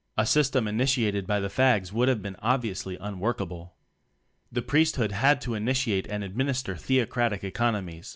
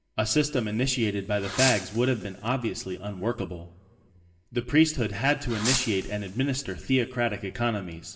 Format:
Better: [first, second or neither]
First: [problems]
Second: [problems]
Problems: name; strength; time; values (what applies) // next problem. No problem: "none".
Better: first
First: none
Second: background sound (Fireworks); 9 dB below the speech // room echo; dies away in 1.9 s